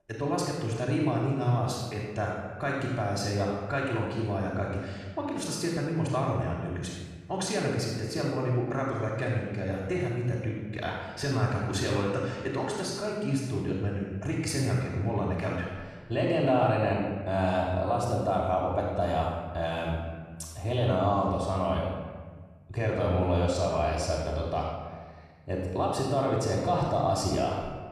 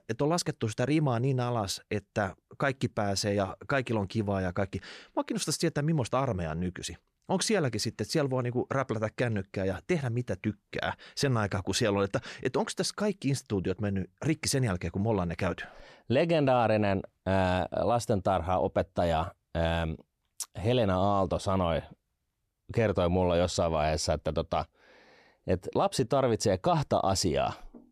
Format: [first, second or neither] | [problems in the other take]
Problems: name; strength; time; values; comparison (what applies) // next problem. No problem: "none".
second | off-mic speech; far // room echo; noticeable; dies away in 1.3 s